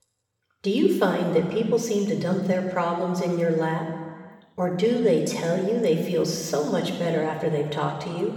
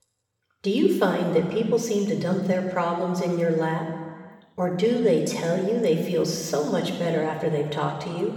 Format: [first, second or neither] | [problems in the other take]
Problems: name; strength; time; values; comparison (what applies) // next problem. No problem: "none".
neither | room echo; noticeable; dies away in 1.6 s; the same in both // off-mic speech; somewhat distant; the same in both